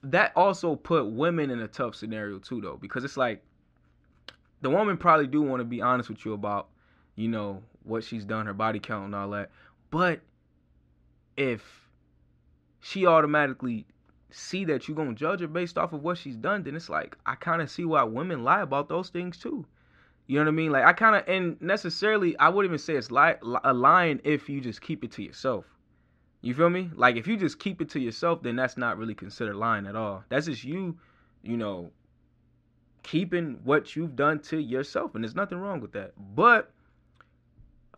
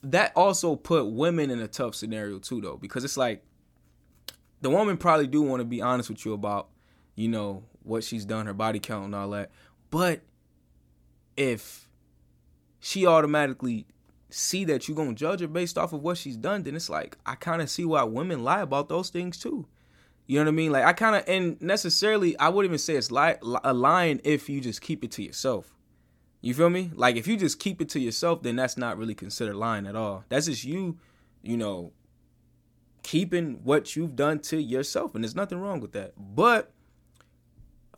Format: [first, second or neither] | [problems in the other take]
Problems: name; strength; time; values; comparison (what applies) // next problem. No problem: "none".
second | muffled; slightly; fading above 3 kHz